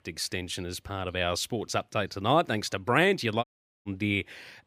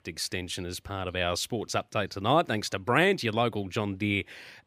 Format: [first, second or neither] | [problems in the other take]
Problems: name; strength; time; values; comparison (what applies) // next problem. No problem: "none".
second | audio cutting out; at 3.5 s